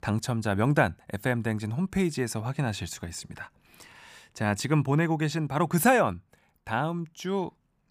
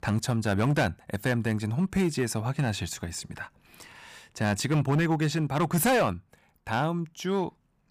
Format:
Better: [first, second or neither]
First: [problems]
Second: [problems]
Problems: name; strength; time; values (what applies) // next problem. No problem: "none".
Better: first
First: none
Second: distortion; slight; 6% of the sound clipped